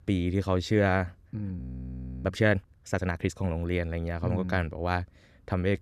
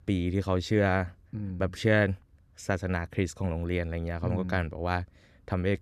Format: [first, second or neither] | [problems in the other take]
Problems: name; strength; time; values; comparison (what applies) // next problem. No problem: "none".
second | audio freezing; at 1.5 s for 0.5 s